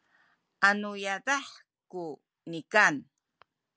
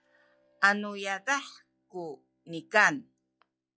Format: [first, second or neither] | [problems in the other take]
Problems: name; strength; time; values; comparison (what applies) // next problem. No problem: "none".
first | noise reduction (classical method log-MMSE)